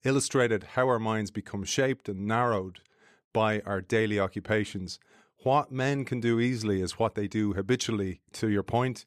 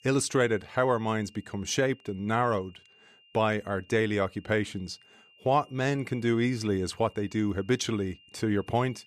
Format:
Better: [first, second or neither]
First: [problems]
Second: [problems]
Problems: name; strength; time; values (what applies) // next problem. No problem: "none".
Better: first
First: none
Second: high-pitched whine; faint; throughout; 3 kHz, 30 dB below the speech